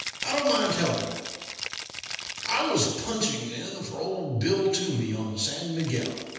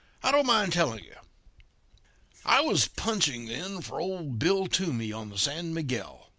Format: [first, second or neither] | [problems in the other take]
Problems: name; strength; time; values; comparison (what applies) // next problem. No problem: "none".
second | background sound (Rattle (instrument)); 11 dB below the speech // room echo; dies away in 1.1 s